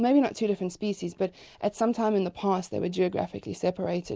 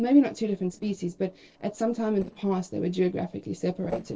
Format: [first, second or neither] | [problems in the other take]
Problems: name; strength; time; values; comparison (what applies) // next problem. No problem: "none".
first | noise reduction (neural separator model SepFormer DNS4)